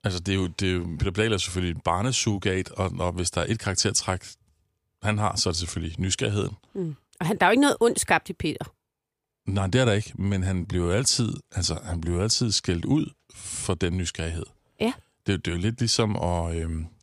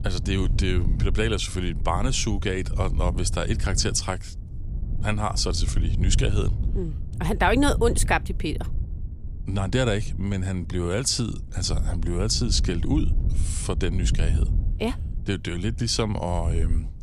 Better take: first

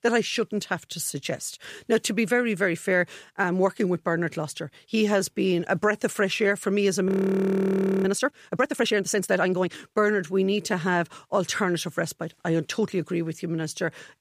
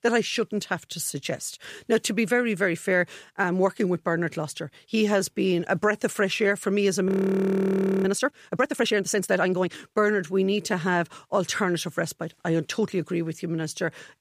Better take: neither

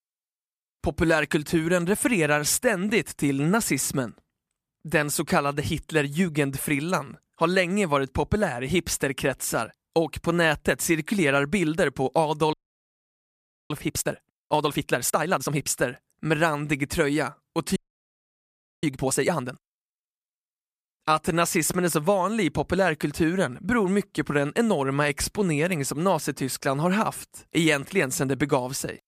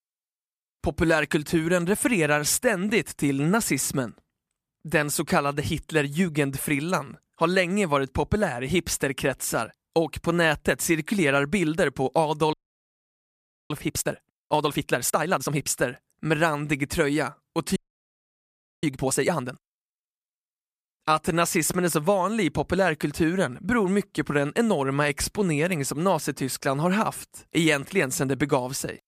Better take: neither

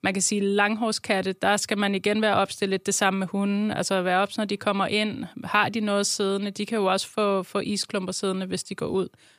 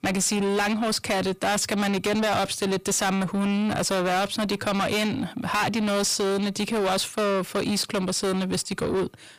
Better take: first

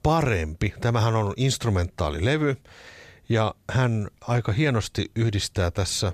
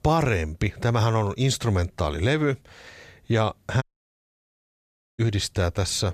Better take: first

